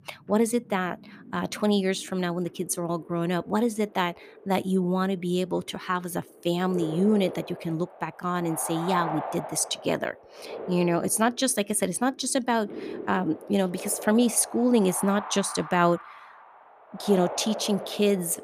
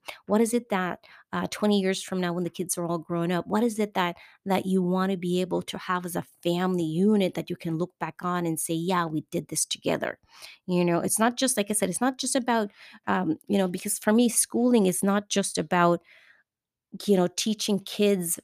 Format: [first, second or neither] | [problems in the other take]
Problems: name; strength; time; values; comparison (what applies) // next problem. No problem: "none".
second | wind noise on the microphone; heavy; 9 dB below the speech